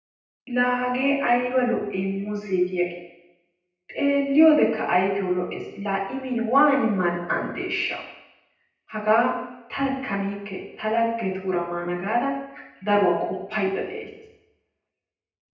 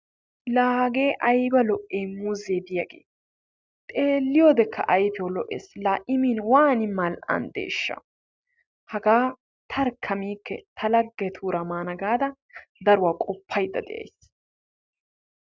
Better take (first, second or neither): second